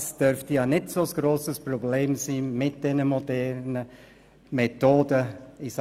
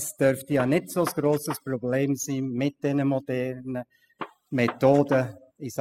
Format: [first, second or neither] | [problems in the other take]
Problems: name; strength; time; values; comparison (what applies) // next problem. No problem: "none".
first | noise reduction (classical method spectral subtraction)